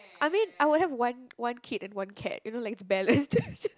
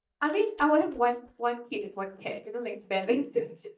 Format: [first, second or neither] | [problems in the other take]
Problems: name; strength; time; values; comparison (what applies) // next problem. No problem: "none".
first | noise reduction (neural mask model DeepFilterNet 3)